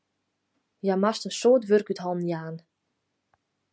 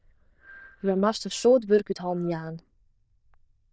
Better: first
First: none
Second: noise reduction (neural diffusion model UNIVERSE++)

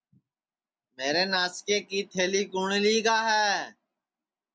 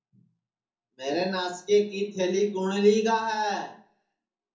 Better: first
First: none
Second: room echo; dies away in 0.7 s

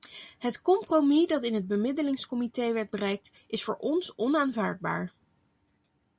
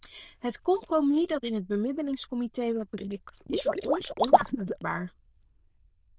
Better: first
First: none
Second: noise reduction (neural diffusion model UNIVERSE++)

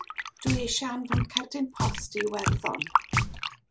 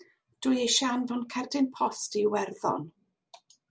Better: second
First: background sound (Drum + Fill (with liquid)); 4 dB above the speech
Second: none

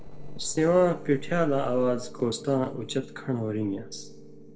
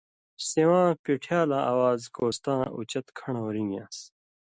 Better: second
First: noise reduction (neural separator model SepFormer DNS4)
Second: none

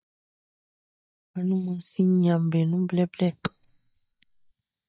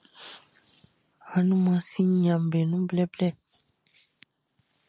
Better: second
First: noise reduction (neural mask model DeepFilterNet 3)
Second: none

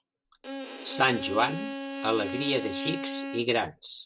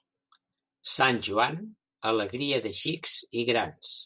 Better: second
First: background sound (Bowed string instrument); 6 dB below the speech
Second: none

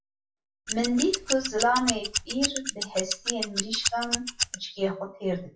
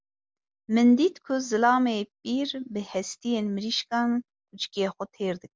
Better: second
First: noise reduction (classical method WPE with log-MMSE)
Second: none

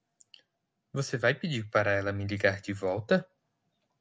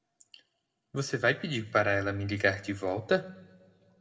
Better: first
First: none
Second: room echo; dies away in 0.7 s

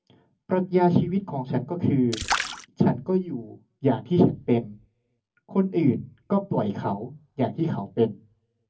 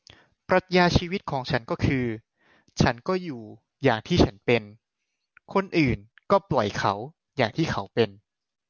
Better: second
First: background sound (Splash, splatter); 8 dB below the speech // room echo; dies away in 0.3 s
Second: none

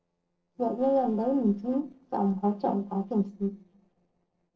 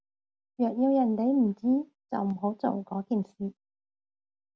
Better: second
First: noise reduction (neural separator model SepFormer DNS4)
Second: none

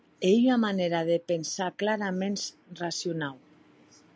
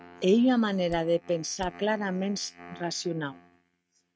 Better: first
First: none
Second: noise reduction (neural mask model RNNoise)

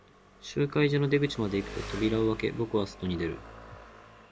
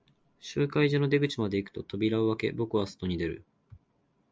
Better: second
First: background sound (Engine); 14 dB below the speech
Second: none

